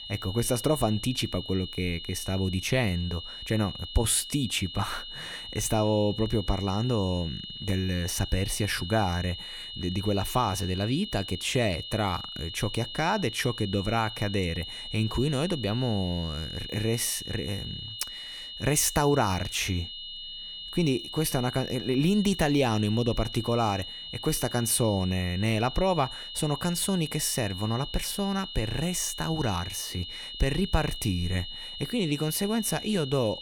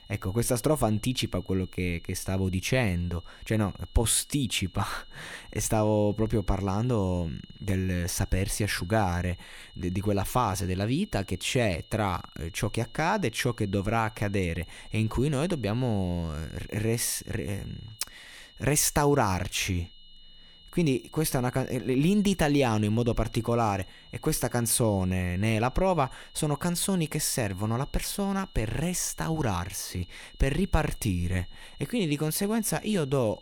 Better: second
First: high-pitched whine; loud; throughout; 3 kHz, 9 dB below the speech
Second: high-pitched whine; faint; throughout; 3 kHz, 25 dB below the speech

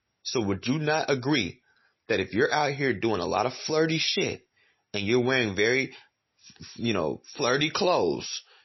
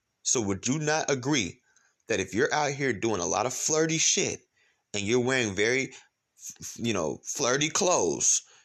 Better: second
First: garbled, watery; slightly; nothing above 6 kHz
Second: none

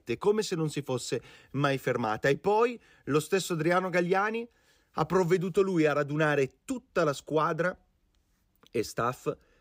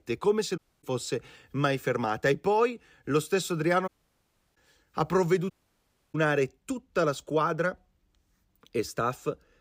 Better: first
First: none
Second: audio cutting out; at 0.5 s, at 4 s for 0.5 s and at 5.5 s for 0.5 s

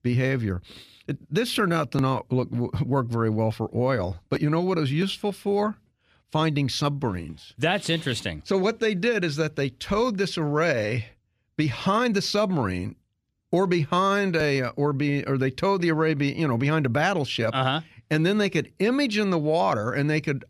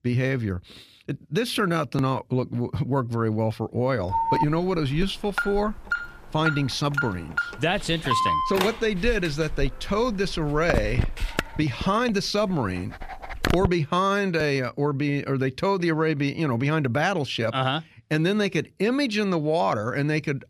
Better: first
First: none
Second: alarm; loud; from 4 to 14 s; peak 2 dB above the speech

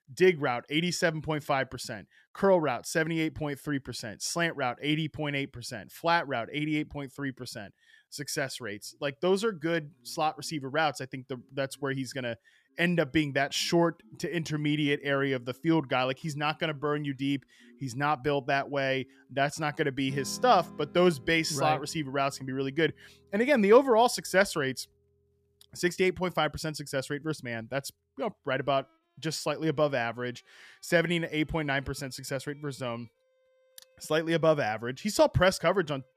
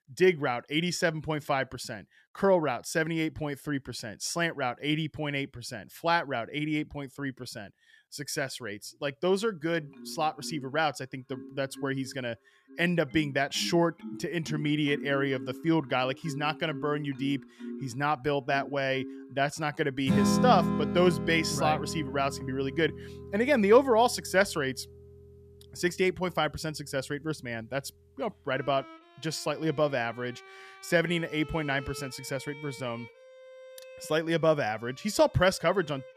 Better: first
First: background music; faint; from 10 s on; 25 dB below the speech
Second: background music; loud; from 10 s on; 8 dB below the speech

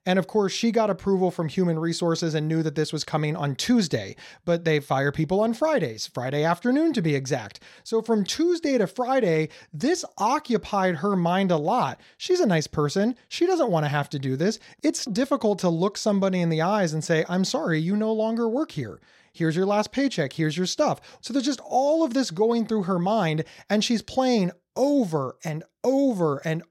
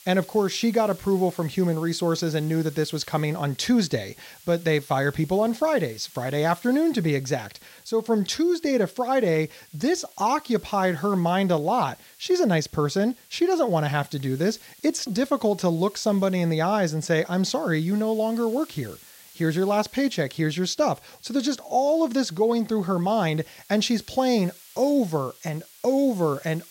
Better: first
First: none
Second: hiss; faint; throughout; 25 dB below the speech

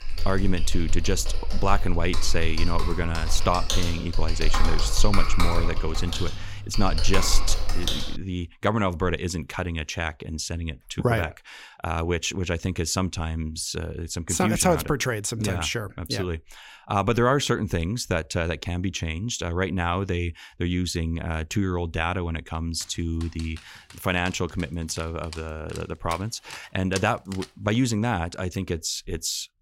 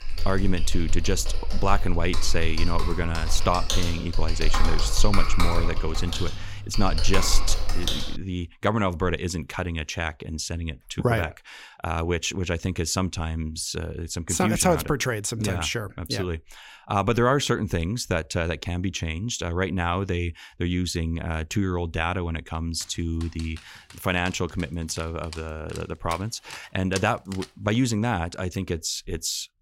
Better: neither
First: keyboard typing; loud; until 8 s; peak 1 dB above the speech // dog barking; noticeable; from 23 to 27 s; peak 9 dB below the speech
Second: keyboard typing; loud; until 8 s; peak 1 dB above the speech // dog barking; noticeable; from 23 to 27 s; peak 9 dB below the speech

